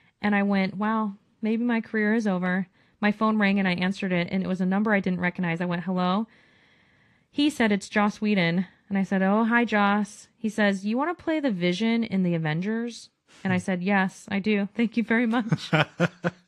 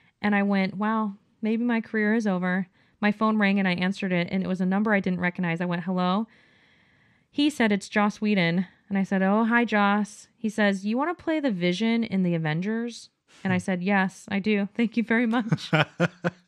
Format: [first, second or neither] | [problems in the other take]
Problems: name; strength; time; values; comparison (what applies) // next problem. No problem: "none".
second | garbled, watery; slightly